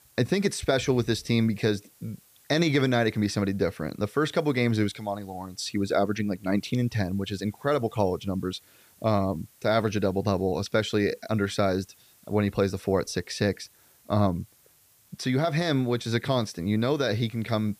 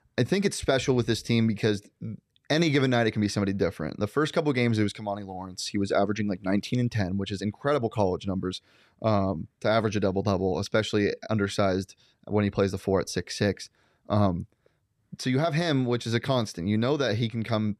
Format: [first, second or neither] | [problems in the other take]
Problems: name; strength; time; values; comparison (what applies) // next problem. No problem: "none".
second | hiss; faint; throughout; 30 dB below the speech